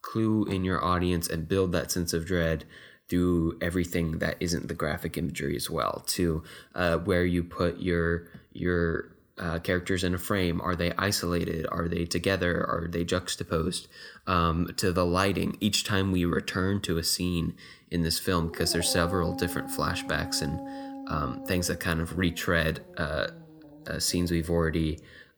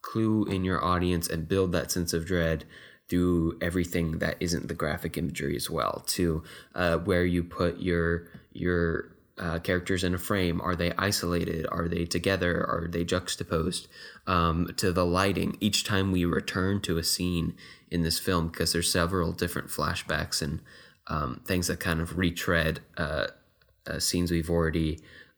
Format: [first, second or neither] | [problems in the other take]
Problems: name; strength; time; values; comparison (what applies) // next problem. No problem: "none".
second | dog barking; noticeable; from 18 s on; peak 8 dB below the speech